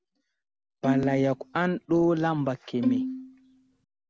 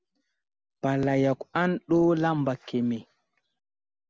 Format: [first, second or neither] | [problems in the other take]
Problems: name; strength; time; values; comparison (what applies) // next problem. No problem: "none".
second | background sound (Bowed string instrument); 3 dB below the speech